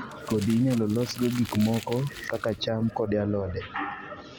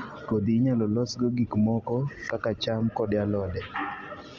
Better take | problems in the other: second | background sound (Crumpling, crinkling); 17 dB below the speech

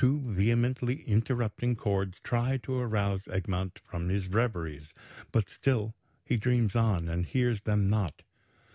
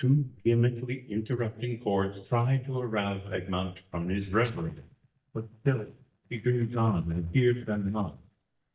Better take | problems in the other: first | noise reduction (neural mask model DeepFilterNet 3)

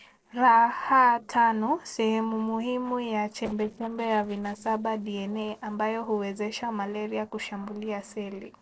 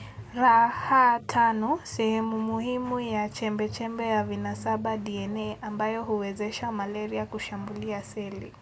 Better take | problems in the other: second | noise reduction (neural separator model SepFormer DNS4)

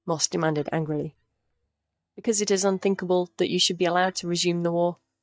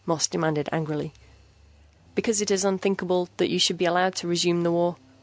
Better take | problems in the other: second | noise reduction (neural mask model DeepFilterNet 3)

